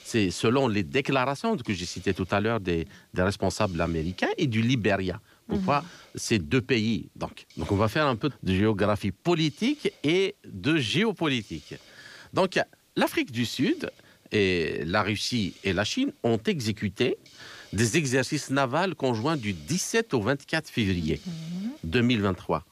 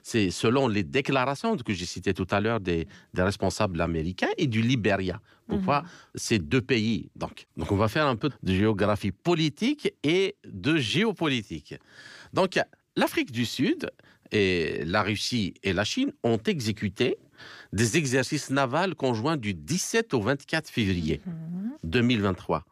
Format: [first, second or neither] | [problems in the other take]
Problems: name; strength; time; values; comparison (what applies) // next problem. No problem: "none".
second | hiss; faint; throughout; 25 dB below the speech